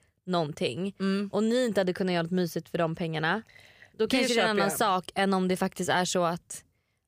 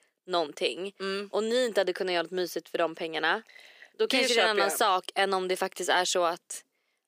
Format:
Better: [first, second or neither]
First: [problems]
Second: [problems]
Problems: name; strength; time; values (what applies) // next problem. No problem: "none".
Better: first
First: none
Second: thin; somewhat; fading below 300 Hz